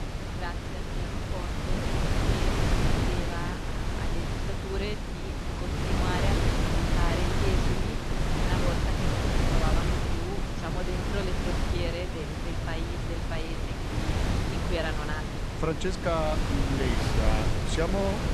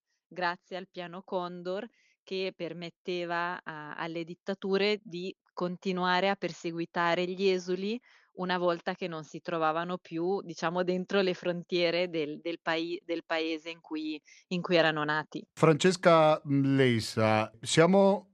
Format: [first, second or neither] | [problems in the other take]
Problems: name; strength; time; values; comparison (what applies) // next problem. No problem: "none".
second | wind noise on the microphone; heavy; 2 dB above the speech